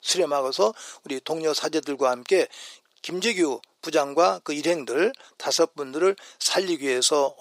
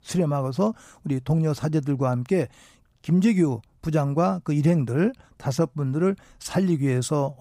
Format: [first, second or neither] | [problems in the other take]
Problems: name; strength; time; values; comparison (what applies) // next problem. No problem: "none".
second | thin; very; fading below 400 Hz